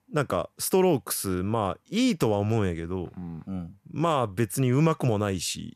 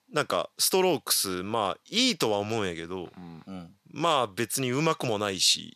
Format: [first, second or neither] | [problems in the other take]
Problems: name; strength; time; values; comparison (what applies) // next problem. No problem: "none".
first | thin; very slightly; fading below 450 Hz